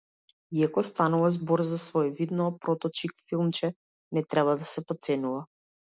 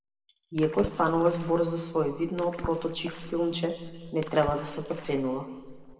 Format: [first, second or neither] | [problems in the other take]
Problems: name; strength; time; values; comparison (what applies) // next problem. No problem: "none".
first | background sound (Water / Splash, splatter); 14 dB below the speech // room echo; dies away in 1.7 s